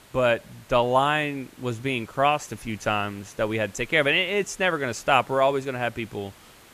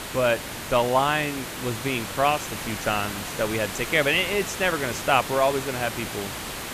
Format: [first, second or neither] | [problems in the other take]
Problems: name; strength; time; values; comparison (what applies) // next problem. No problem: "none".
first | hiss; loud; throughout; 7 dB below the speech; faint in the first